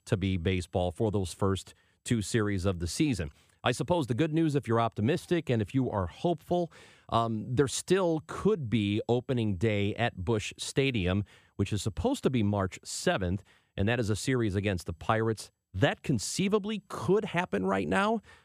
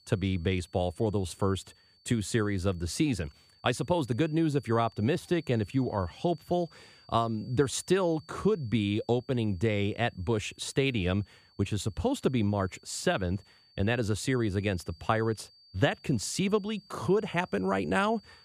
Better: first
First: none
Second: high-pitched whine; faint; throughout; 4.5 kHz, 30 dB below the speech

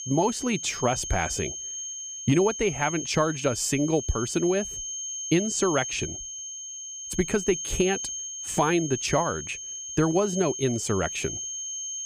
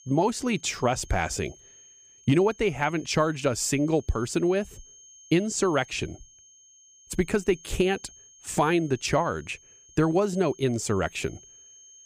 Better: second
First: high-pitched whine; loud; throughout; 6.5 kHz, 6 dB below the speech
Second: high-pitched whine; faint; throughout; 6.5 kHz, 25 dB below the speech

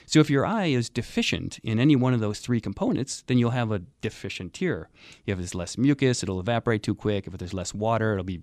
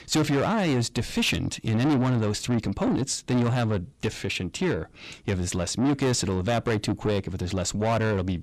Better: first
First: none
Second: distortion; heavy; 7 dB below the speech

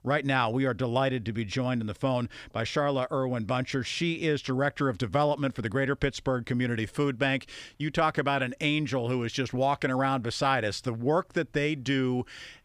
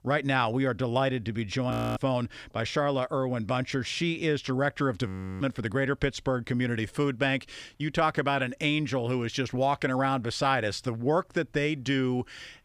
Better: first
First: none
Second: audio freezing; at 1.5 s and at 5 s

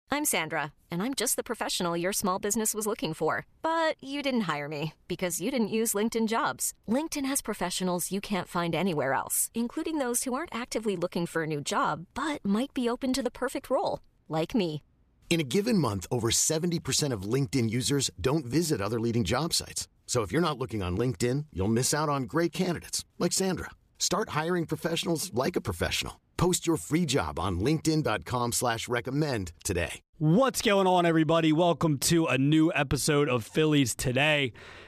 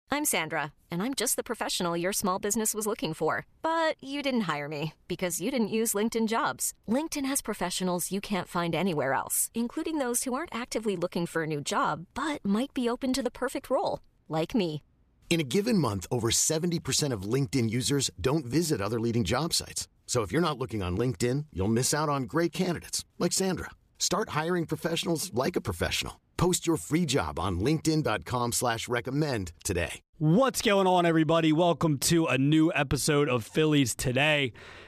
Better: neither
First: none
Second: none

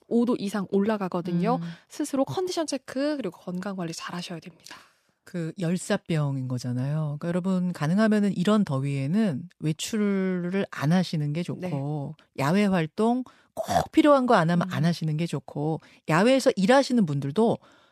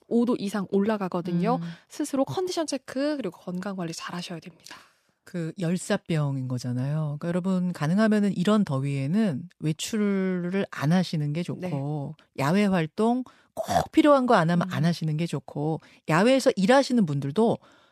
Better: neither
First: none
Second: none

